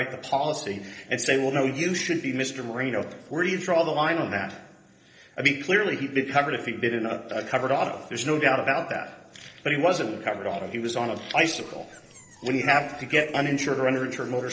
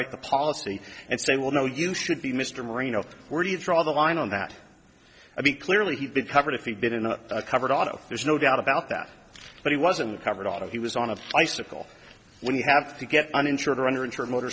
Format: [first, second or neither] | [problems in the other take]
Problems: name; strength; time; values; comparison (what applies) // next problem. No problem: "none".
second | noise reduction (neural separator model SepFormer DNS4)